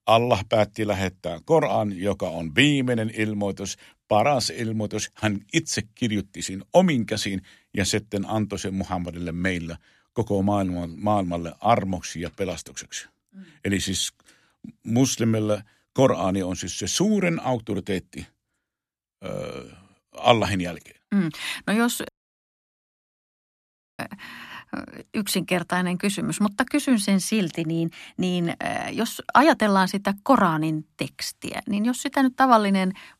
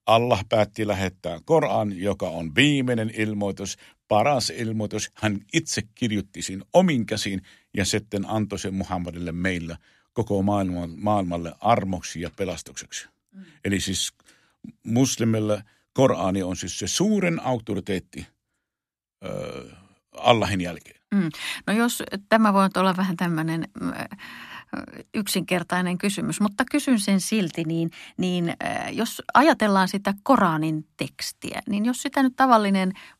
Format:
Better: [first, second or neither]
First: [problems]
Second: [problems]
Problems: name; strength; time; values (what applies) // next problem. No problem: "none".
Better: second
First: audio cutting out; at 22 s for 2 s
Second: none